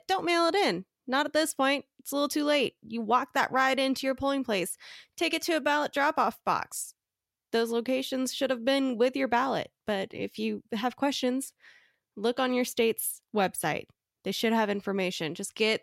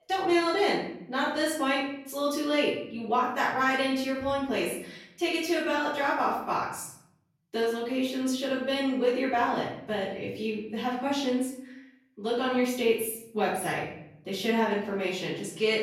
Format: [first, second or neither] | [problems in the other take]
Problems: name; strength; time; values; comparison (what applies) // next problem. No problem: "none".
first | off-mic speech; far // room echo; noticeable; dies away in 0.8 s